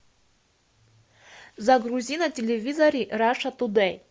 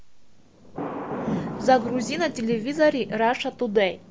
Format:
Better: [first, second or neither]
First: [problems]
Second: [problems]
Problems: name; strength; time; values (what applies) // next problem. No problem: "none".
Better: first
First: none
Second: background sound (Thunder); 9 dB below the speech